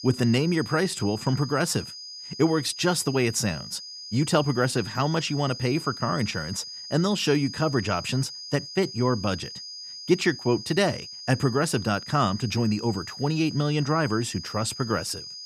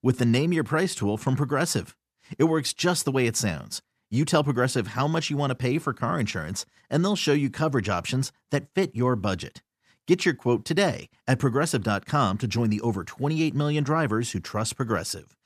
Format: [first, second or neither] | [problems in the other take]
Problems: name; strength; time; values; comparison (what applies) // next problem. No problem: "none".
second | high-pitched whine; noticeable; throughout; 5 kHz, 10 dB below the speech